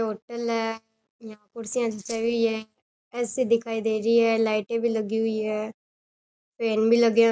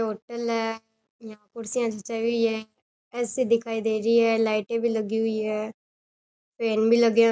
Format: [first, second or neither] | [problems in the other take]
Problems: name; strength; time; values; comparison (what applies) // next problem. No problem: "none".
second | background sound (Rattle (instrument)); 18 dB below the speech